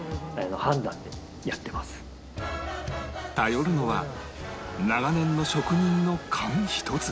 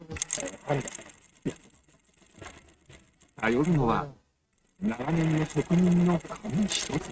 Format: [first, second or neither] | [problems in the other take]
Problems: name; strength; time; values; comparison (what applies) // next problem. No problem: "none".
first | noise reduction (neural mask model RNNoise)